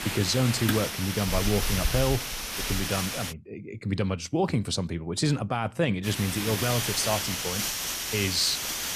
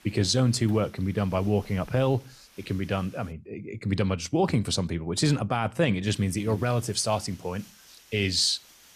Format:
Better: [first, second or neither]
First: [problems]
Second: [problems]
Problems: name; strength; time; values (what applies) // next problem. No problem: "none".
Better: second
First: hiss; loud; until 3.5 s and from 6 s on; 1 dB below the speech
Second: hiss; faint; until 3.5 s and from 6 s on; 25 dB below the speech